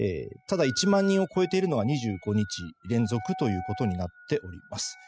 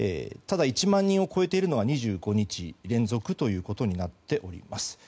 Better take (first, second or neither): second